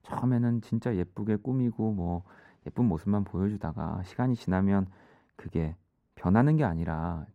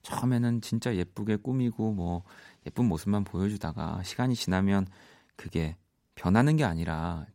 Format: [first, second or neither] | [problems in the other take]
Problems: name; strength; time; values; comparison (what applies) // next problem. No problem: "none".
second | muffled; very; fading above 2.5 kHz